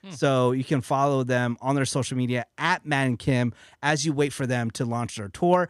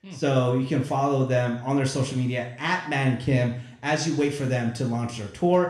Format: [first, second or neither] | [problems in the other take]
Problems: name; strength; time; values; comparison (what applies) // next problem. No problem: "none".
first | room echo; slight; dies away in 0.7 s // off-mic speech; somewhat distant